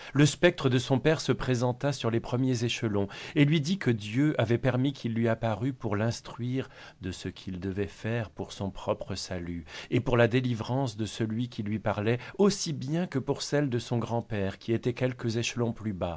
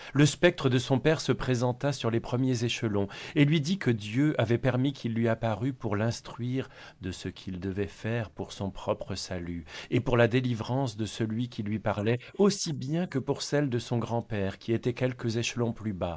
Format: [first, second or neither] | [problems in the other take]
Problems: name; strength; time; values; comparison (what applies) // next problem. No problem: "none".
first | noise reduction (neural mask model Resemble Enhance denoiser)